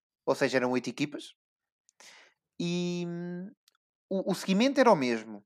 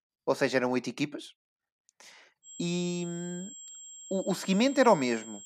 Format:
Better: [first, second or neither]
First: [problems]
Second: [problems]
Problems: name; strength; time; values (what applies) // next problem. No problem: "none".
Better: first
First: none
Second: high-pitched whine; noticeable; from 2.5 s on; 7.5 kHz, 15 dB below the speech